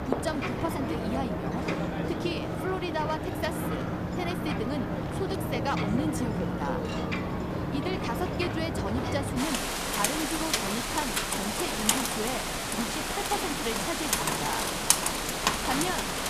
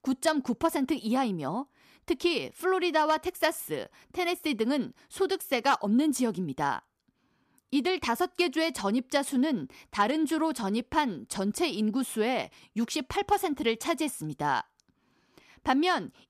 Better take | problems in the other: second | rain or running water; very loud; throughout; 5 dB above the speech

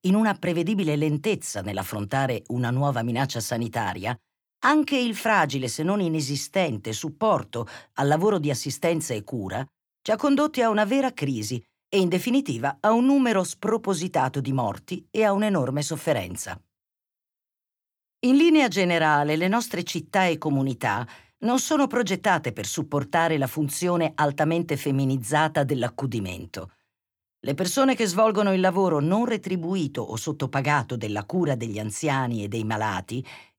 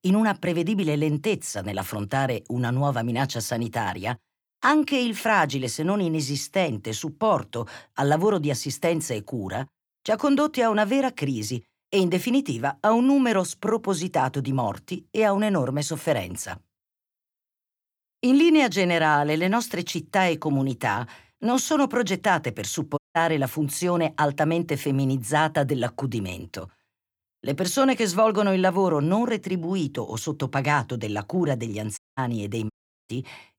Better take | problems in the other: first | audio cutting out; at 23 s, at 32 s and at 33 s

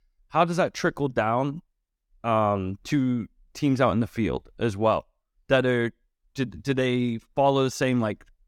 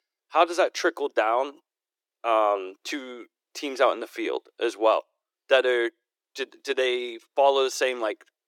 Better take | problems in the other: first | thin; very; fading below 350 Hz

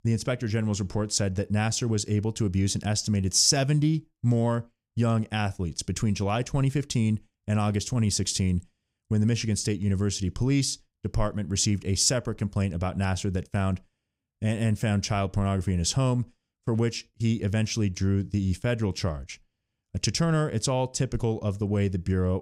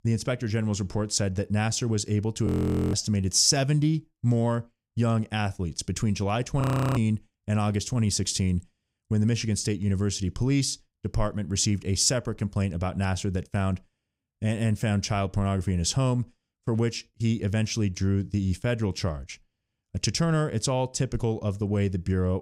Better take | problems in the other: first | audio freezing; at 2.5 s and at 6.5 s

